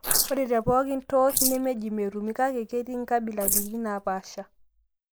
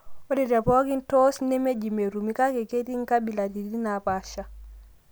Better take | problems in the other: second | noise reduction (neural mask model Resemble Enhance denoiser)

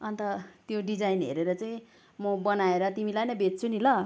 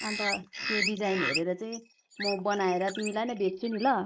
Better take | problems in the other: first | noise reduction (neural mask model Resemble Enhance denoiser)

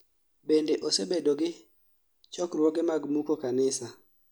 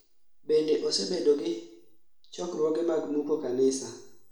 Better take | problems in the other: first | room echo; dies away in 0.7 s

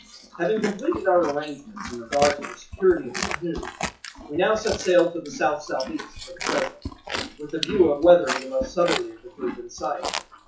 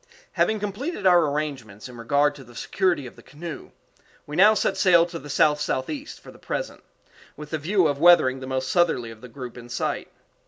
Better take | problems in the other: second | noise reduction (classical method WPE with log-MMSE)

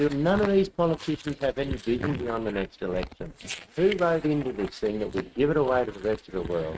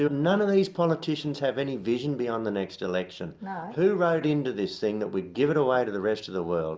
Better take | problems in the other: second | noise reduction (neural mask model RNNoise)

